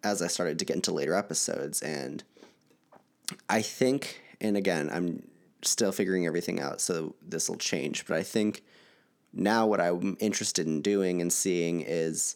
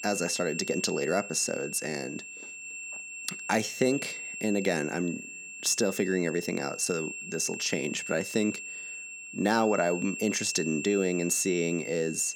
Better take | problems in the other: first | high-pitched whine; loud; throughout; 2.5 kHz, 8 dB below the speech

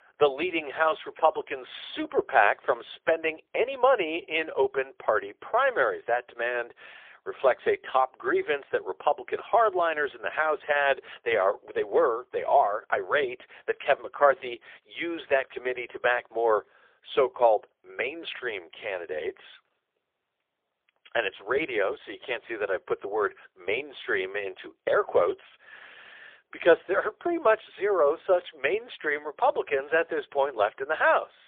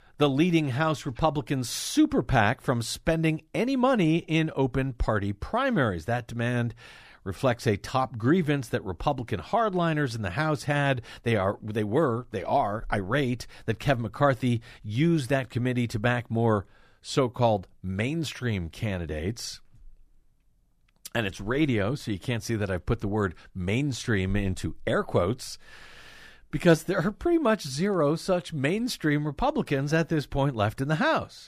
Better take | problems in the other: second | phone-call audio; poor line; nothing above 3.5 kHz

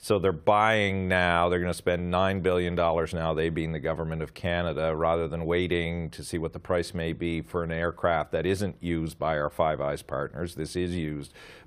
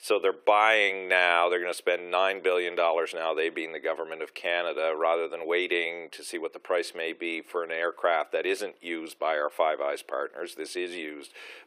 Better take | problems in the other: first | thin; very; fading below 350 Hz

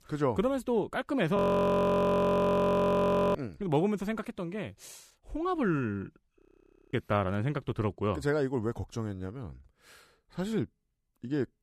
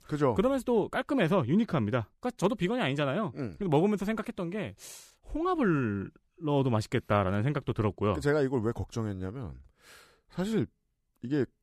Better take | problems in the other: second | audio freezing; at 1.5 s for 2 s and at 6.5 s for 0.5 s

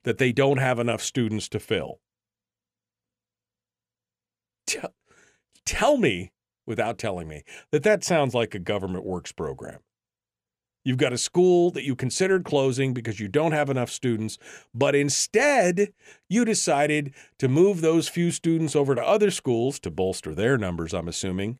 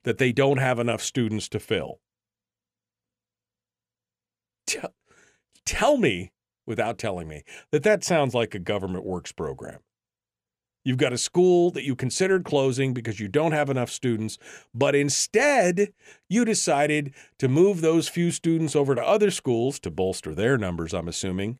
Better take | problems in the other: neither | none

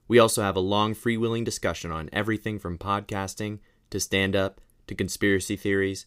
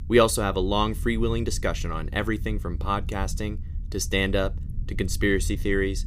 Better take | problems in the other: first | low rumble; faint; throughout; 25 dB below the speech

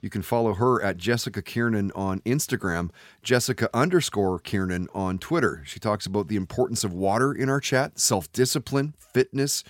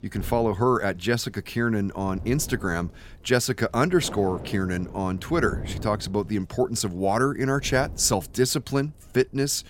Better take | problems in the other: first | wind noise on the microphone; occasional gusts; 20 dB below the speech

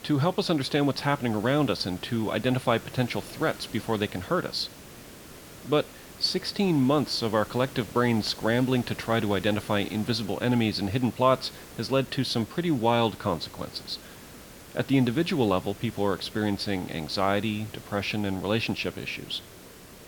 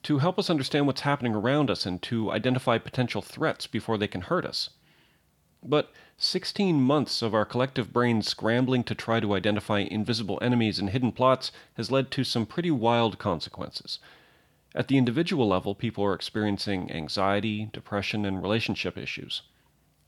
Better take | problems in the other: second | hiss; noticeable; throughout; 15 dB below the speech

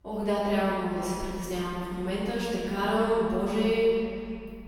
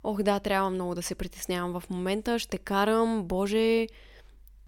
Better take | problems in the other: second | off-mic speech; far // room echo; strong; dies away in 3 s

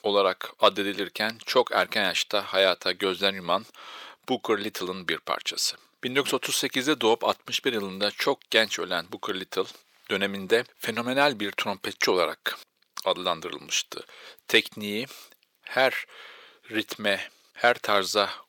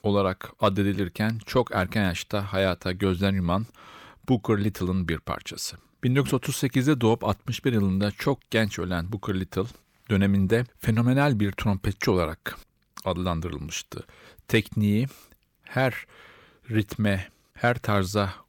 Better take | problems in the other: second | thin; very; fading below 500 Hz

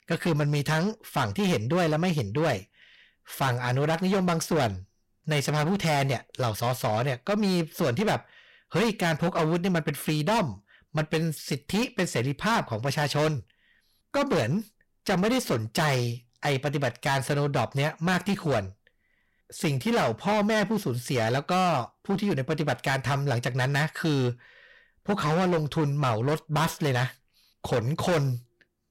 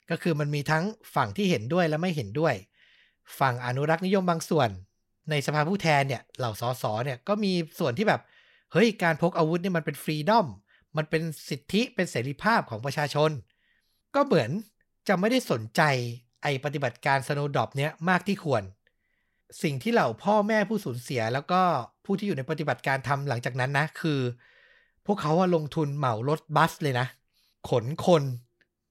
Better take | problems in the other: second | distortion; heavy; 15% of the sound clipped

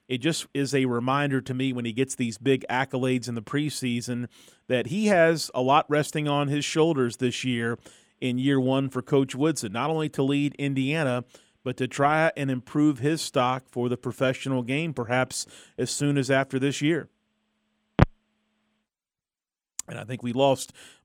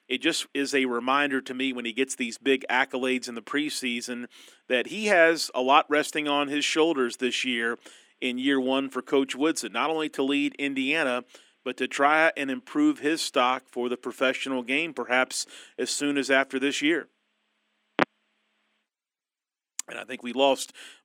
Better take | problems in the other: first | thin; very slightly; fading below 300 Hz

